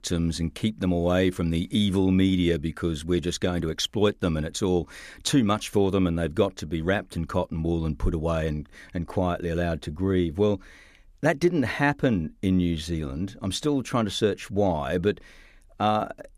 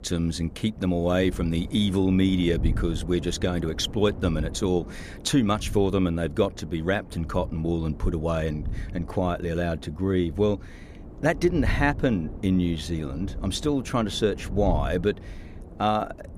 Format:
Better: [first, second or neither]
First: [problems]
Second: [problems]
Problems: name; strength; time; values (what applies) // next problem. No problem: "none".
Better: first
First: none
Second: wind noise on the microphone; occasional gusts; 20 dB below the speech